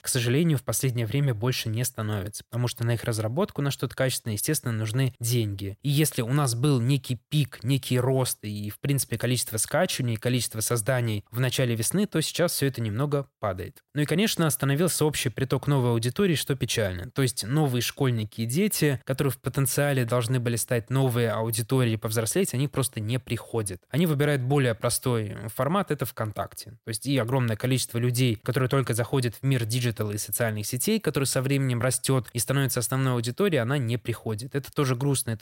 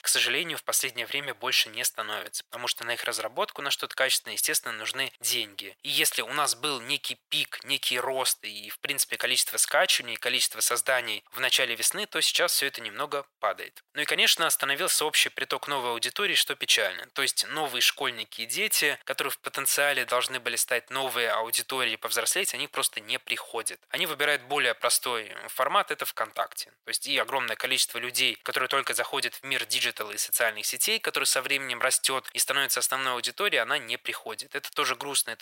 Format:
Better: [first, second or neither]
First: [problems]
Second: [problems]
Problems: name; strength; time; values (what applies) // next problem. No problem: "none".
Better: first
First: none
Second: thin; very; fading below 800 Hz